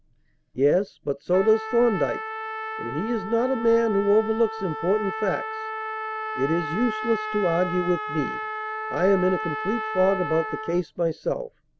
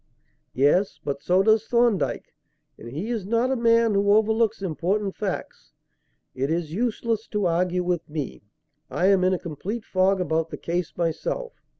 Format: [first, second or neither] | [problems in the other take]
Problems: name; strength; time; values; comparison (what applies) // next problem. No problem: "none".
second | background sound (Trumpet); 7 dB below the speech